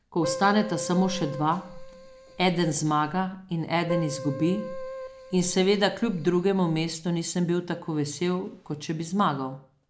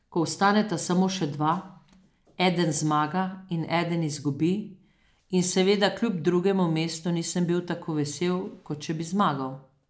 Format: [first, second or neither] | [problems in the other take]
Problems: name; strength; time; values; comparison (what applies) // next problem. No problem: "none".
second | background sound (Keyboard (musical)); 11 dB below the speech